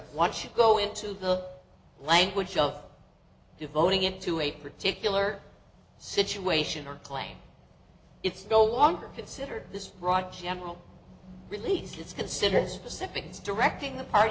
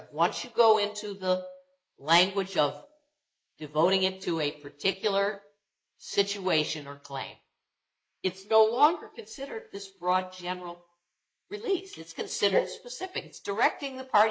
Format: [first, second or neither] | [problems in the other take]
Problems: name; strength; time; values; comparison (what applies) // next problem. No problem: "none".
first | noise reduction (neural mask model Resemble Enhance denoiser)